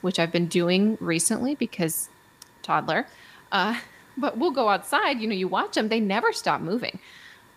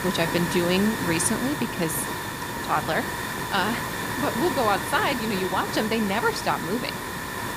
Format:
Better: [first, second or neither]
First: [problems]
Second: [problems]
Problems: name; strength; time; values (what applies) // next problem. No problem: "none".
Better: first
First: hiss; faint; throughout; 30 dB below the speech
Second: hiss; loud; throughout; 3 dB below the speech